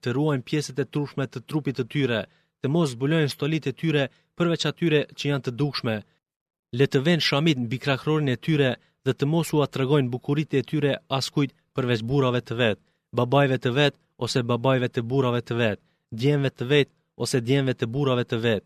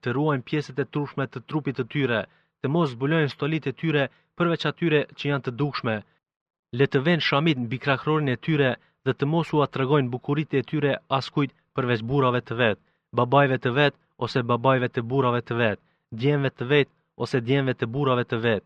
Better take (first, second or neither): first